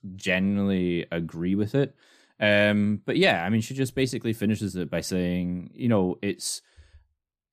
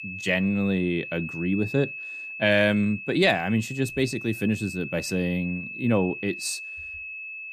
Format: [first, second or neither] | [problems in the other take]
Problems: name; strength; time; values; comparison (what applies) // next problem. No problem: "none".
first | high-pitched whine; loud; throughout; 2.5 kHz, 9 dB below the speech